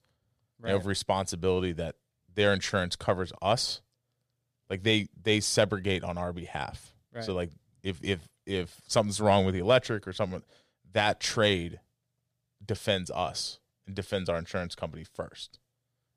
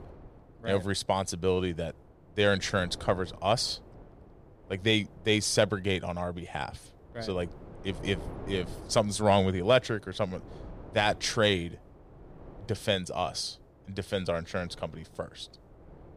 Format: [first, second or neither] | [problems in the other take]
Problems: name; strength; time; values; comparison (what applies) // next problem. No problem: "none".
first | wind noise on the microphone; occasional gusts; 25 dB below the speech